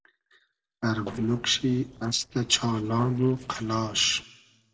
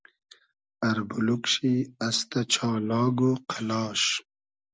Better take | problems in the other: second | noise reduction (neural separator model SepFormer DNS4)

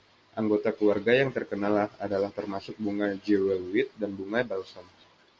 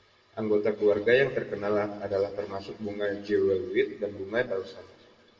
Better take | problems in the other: first | room echo; dies away in 1.3 s

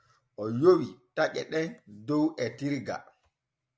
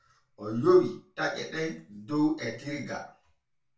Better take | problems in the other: first | room echo; dies away in 0.3 s

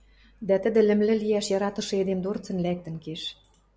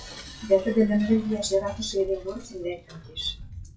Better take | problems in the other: first | noise reduction (classical method WPE with log-MMSE)

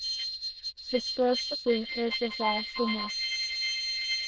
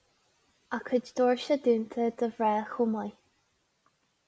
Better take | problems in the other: second | noise reduction (neural diffusion model UNIVERSE++)

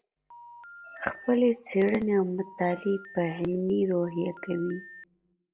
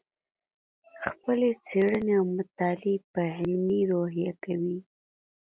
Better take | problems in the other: second | background sound (Telephone); 20 dB below the speech // room echo; dies away in 0.3 s

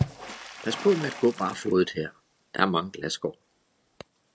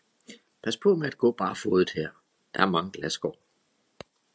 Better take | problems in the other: second | background sound (Water / Splash, splatter); 10 dB below the speech

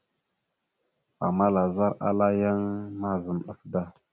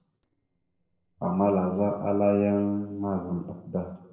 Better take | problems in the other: first | noise reduction (neural separator model SepFormer DNS4)

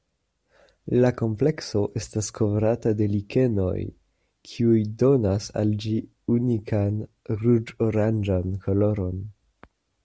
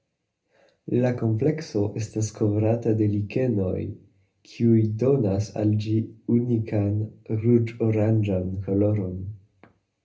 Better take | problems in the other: first | room echo; dies away in 0.3 s

